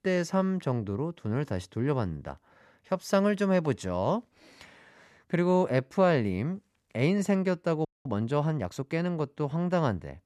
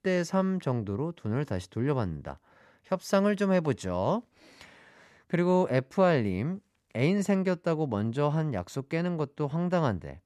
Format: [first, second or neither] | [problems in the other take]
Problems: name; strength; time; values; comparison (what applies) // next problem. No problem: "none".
second | audio freezing; at 8 s